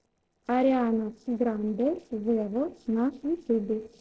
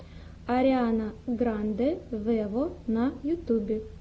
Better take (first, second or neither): second